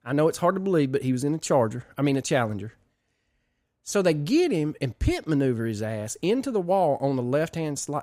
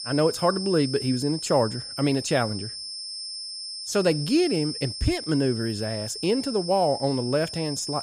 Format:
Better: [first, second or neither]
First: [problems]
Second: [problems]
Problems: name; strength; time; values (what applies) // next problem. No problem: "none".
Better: first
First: none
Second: high-pitched whine; loud; throughout; 5.5 kHz, 8 dB below the speech